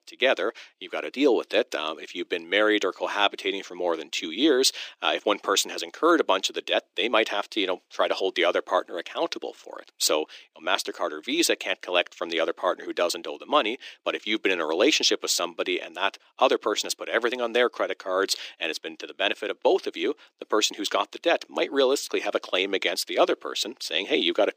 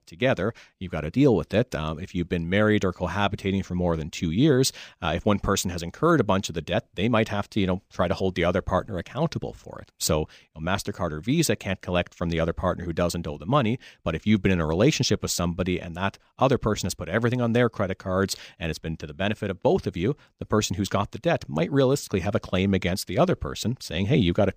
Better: second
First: thin; somewhat; fading below 300 Hz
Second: none

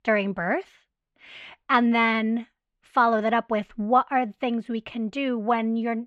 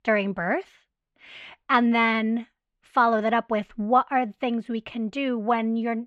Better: neither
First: muffled; slightly; fading above 3 kHz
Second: muffled; slightly; fading above 3 kHz

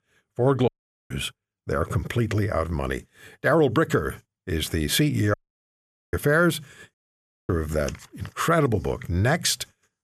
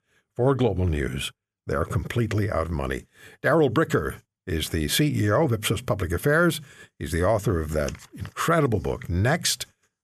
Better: second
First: audio cutting out; at 0.5 s, at 5.5 s for 1 s and at 7 s for 0.5 s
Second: none

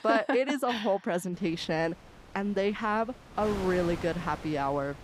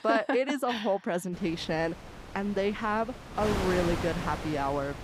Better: first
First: wind noise on the microphone; occasional gusts; from 1.5 s on; 15 dB below the speech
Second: wind noise on the microphone; heavy; from 1.5 s on; 8 dB below the speech

